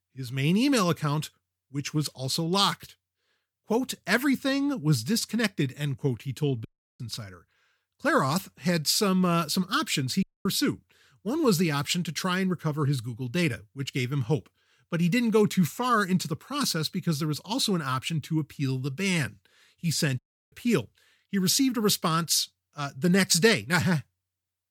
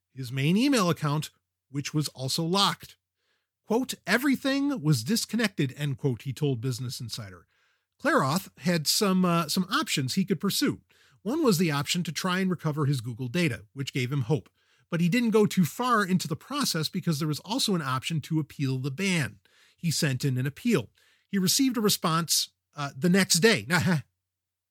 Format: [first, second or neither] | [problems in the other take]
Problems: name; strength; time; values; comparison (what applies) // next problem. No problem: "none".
second | audio cutting out; at 6.5 s, at 10 s and at 20 s